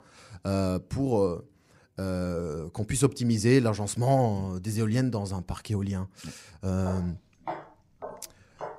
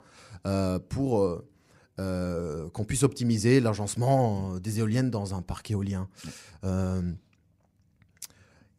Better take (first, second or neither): second